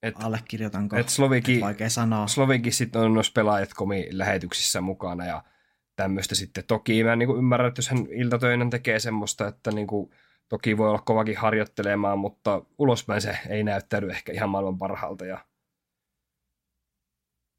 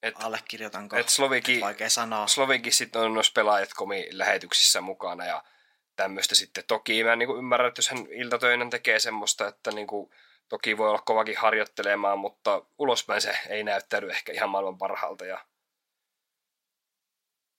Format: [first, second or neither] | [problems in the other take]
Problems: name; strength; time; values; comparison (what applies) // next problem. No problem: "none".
first | thin; very; fading below 600 Hz